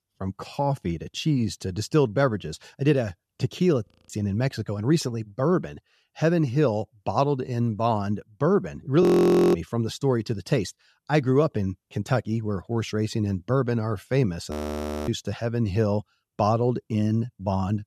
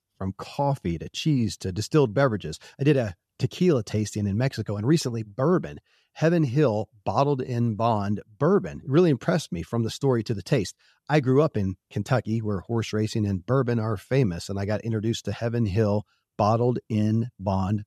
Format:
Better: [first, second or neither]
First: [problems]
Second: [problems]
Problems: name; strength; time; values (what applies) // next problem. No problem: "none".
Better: second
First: audio freezing; at 4 s, at 9 s for 0.5 s and at 15 s for 0.5 s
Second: none